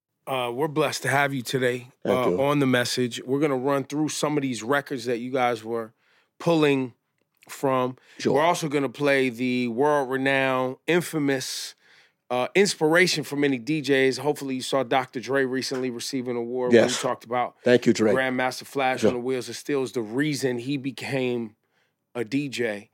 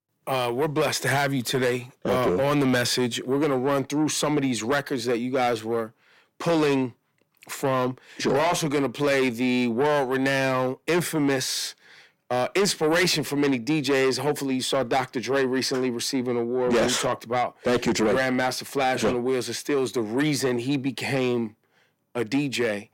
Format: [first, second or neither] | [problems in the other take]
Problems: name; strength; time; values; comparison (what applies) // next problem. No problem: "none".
first | distortion; heavy; 8 dB below the speech